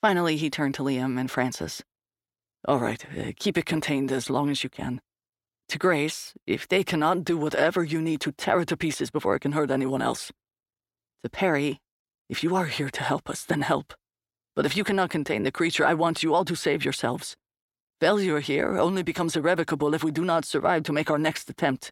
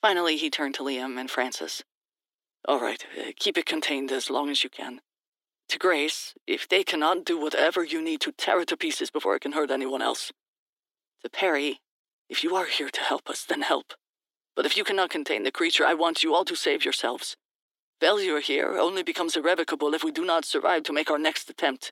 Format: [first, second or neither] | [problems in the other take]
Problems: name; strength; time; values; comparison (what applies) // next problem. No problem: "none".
first | thin; somewhat; fading below 300 Hz